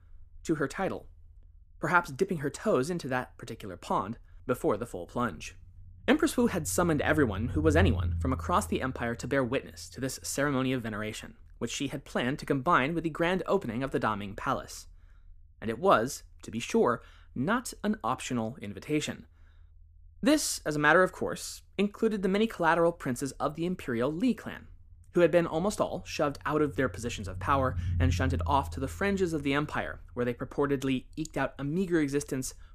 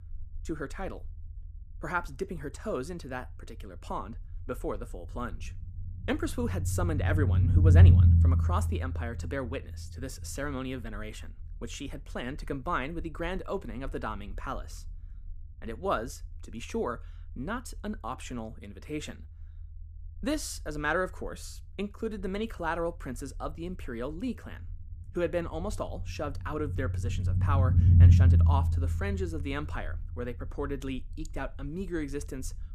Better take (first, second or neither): first